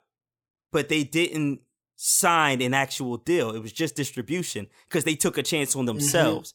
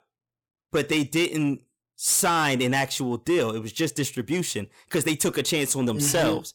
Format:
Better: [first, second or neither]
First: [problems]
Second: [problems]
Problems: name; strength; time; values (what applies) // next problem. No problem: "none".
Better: first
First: none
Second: distortion; slight; 10 dB below the speech